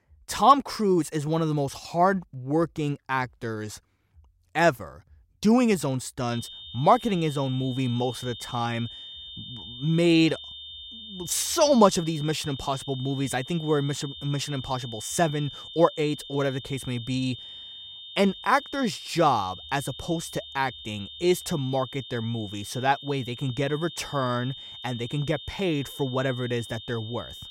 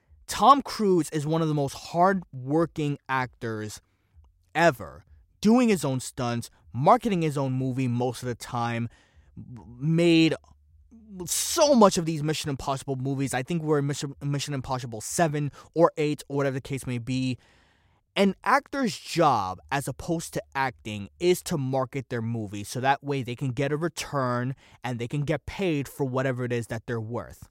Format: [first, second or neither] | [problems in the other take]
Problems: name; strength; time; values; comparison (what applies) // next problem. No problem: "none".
second | high-pitched whine; noticeable; from 6.5 s on; 3.5 kHz, 15 dB below the speech